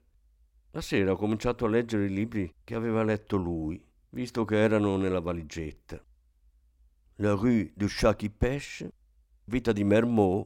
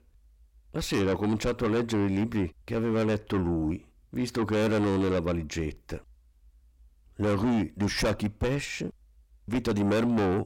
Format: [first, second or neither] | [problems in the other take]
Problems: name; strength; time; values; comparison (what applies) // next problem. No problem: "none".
first | distortion; heavy; 6 dB below the speech